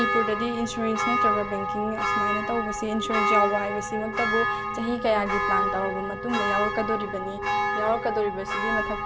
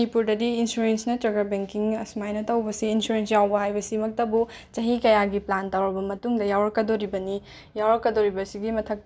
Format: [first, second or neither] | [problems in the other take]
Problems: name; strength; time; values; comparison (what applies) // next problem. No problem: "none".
second | background sound (Church bell); 1 dB above the speech